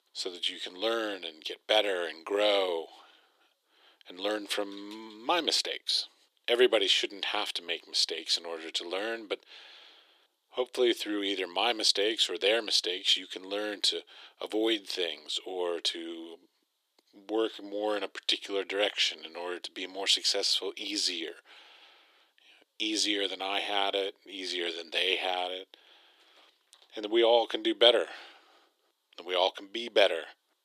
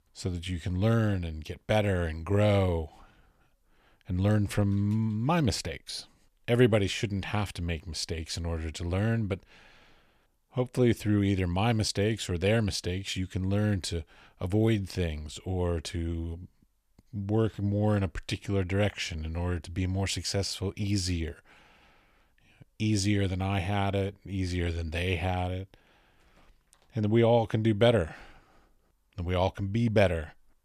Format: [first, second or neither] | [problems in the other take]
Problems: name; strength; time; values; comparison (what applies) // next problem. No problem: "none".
second | thin; very; fading below 350 Hz